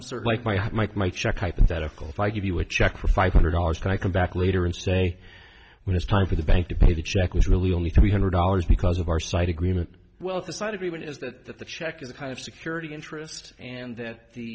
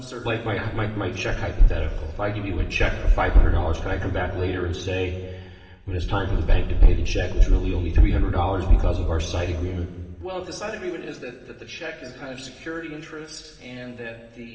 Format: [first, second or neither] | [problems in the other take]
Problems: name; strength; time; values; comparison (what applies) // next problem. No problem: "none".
first | room echo; dies away in 1.9 s